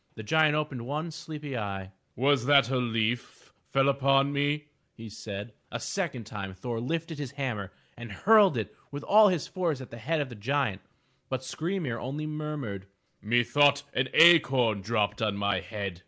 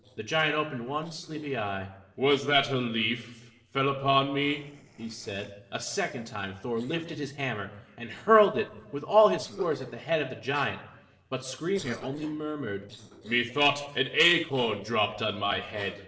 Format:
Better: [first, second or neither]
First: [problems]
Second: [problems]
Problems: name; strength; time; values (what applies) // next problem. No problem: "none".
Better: first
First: none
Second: noise reduction (neural separator model SepFormer DNS4)